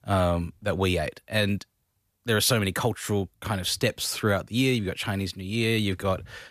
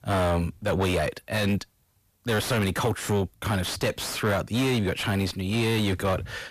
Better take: first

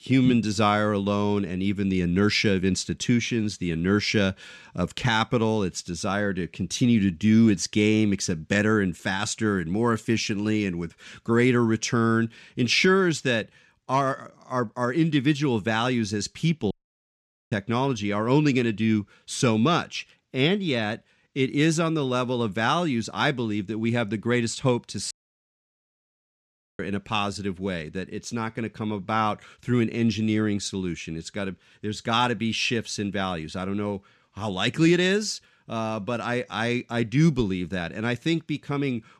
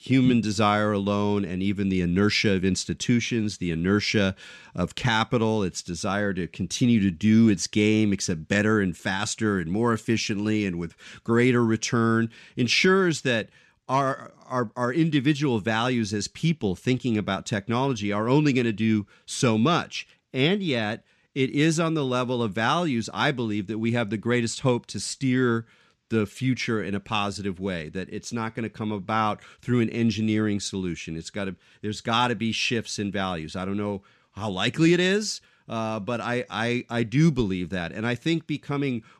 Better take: second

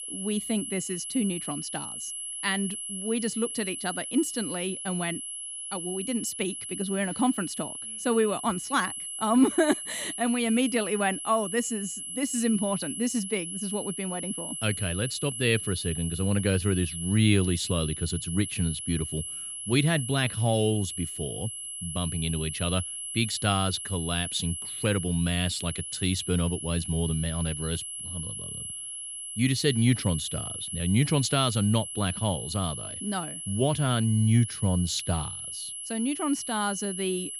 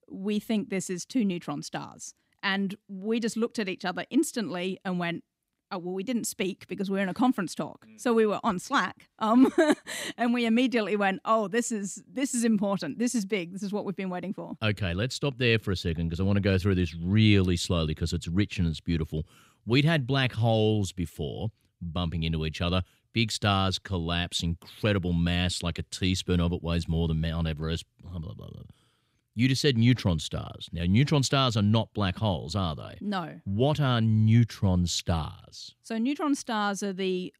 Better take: second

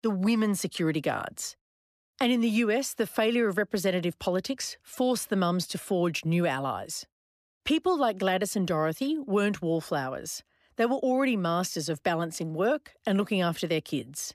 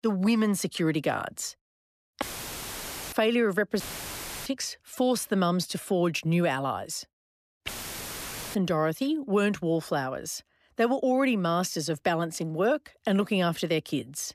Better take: first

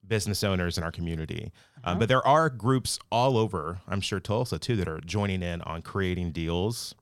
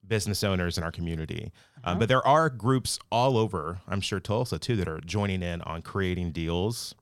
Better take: neither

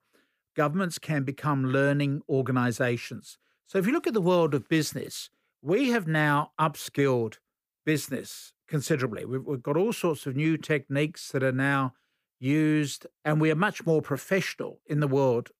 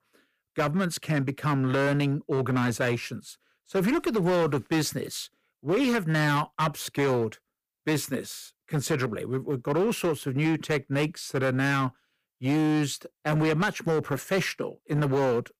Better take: first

